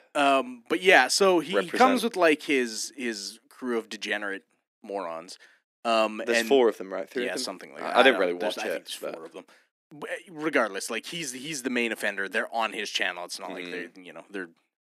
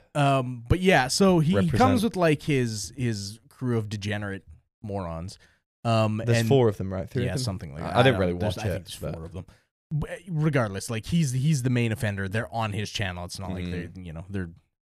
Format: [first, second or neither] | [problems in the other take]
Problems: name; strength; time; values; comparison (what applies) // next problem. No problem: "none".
second | thin; somewhat; fading below 250 Hz